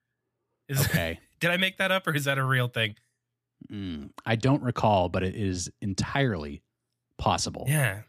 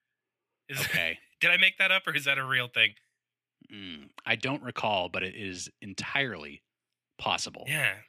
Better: first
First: none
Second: thin; somewhat; fading below 300 Hz

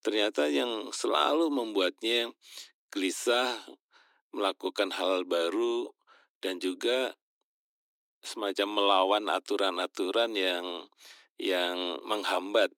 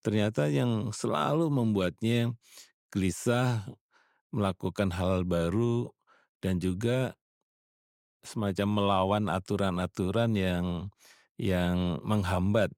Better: second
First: thin; somewhat; fading below 300 Hz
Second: none

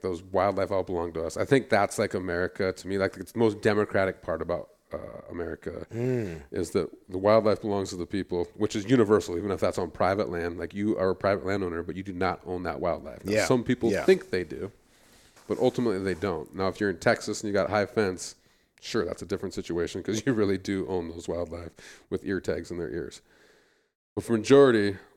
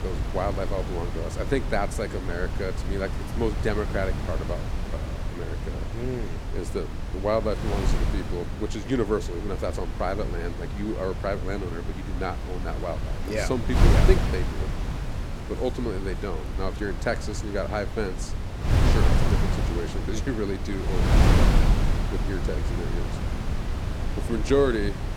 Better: first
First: none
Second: wind noise on the microphone; heavy; 4 dB below the speech

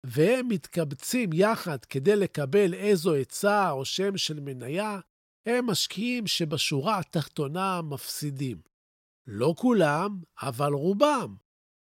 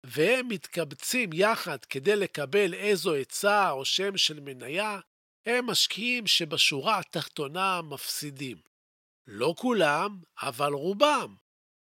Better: first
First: none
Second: thin; very slightly; fading below 900 Hz

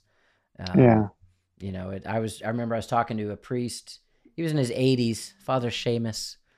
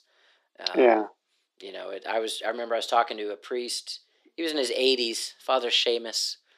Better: first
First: none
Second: thin; very; fading below 300 Hz

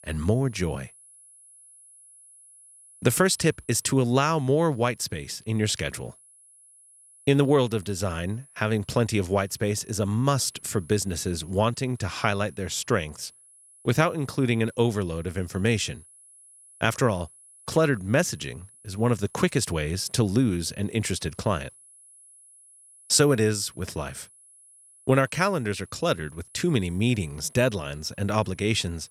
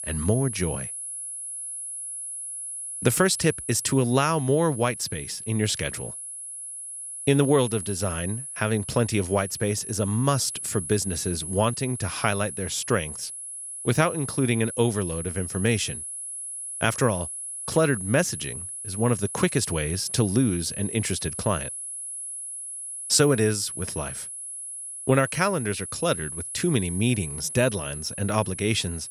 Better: first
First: high-pitched whine; faint; throughout; 10.5 kHz, 25 dB below the speech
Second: high-pitched whine; loud; throughout; 10.5 kHz, 7 dB below the speech

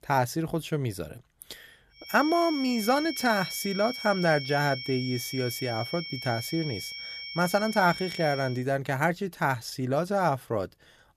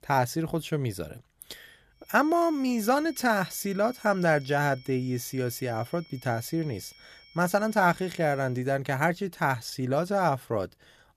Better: second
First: high-pitched whine; loud; from 2 to 8.5 s; 5.5 kHz, 8 dB below the speech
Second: high-pitched whine; faint; from 2 to 8.5 s; 5.5 kHz, 25 dB below the speech

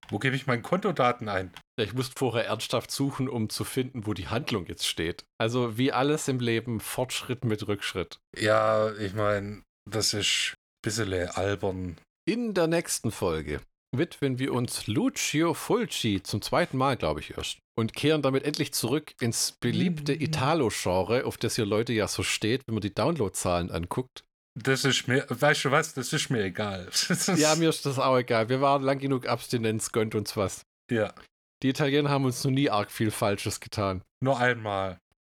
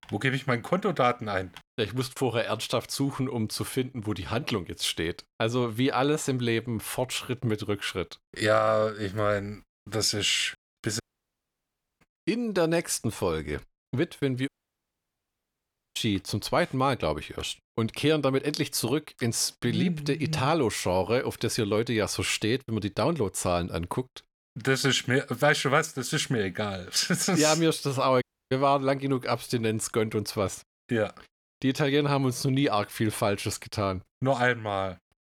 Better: first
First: none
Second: audio cutting out; at 11 s for 1 s, at 14 s for 1.5 s and at 28 s

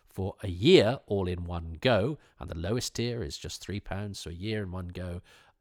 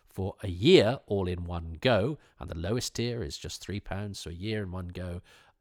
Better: neither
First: none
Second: none

